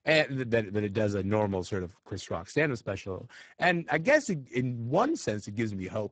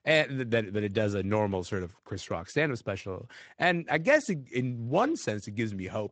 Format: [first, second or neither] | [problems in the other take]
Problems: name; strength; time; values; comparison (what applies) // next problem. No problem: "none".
second | garbled, watery; badly; nothing above 7.5 kHz; slightly in the second